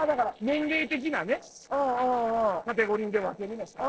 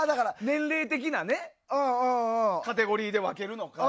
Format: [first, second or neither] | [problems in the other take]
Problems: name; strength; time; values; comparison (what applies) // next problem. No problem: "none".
second | noise reduction (neural separator model SepFormer DNS4)